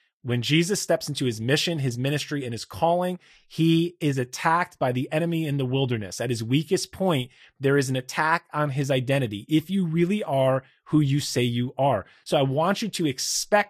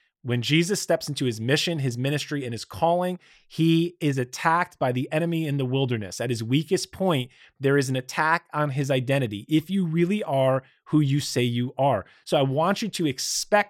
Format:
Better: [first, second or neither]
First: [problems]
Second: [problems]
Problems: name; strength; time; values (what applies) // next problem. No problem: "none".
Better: second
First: garbled, watery; slightly; nothing above 14.5 kHz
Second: none